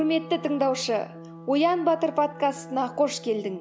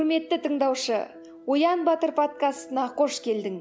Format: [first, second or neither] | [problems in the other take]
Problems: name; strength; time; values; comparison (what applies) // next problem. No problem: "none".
second | background sound (Wind instrument, woodwind instrument); 18 dB below the speech